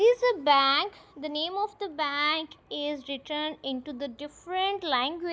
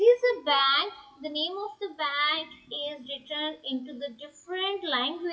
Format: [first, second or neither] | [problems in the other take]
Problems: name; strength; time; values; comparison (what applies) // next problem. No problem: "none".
first | noise reduction (classical method WPE with log-MMSE)